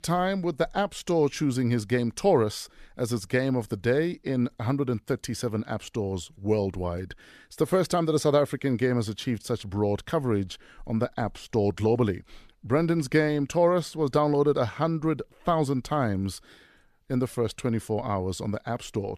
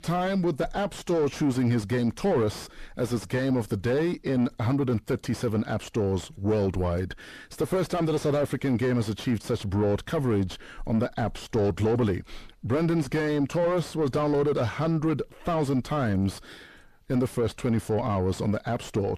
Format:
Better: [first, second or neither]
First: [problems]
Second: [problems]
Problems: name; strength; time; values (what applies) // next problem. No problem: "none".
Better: first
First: none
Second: distortion; heavy; 7 dB below the speech